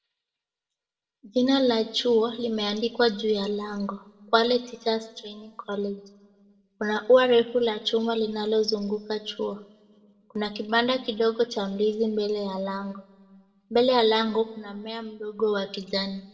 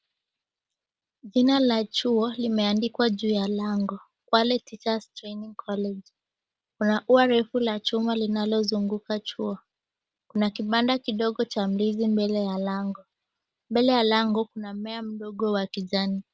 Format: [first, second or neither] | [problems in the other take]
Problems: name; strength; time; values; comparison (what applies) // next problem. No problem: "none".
second | room echo; dies away in 0.9 s